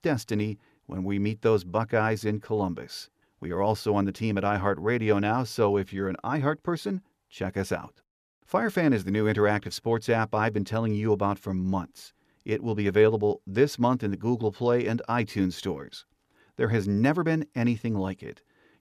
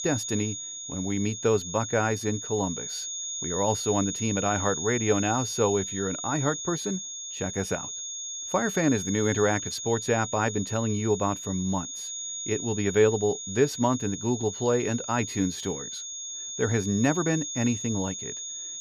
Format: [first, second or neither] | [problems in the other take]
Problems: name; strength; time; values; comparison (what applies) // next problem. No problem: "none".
first | high-pitched whine; loud; throughout; 6.5 kHz, 5 dB below the speech